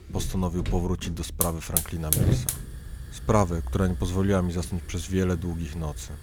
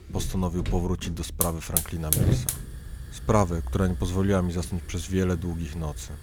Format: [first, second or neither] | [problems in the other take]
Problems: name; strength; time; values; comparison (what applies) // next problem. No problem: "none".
neither | hiss; loud; throughout; 2 dB below the speech; the same in both